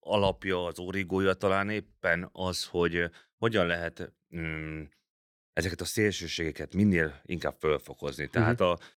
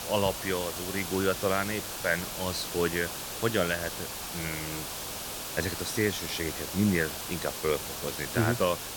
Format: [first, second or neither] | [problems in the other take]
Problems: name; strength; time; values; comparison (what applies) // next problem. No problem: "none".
first | hiss; loud; throughout; 4 dB below the speech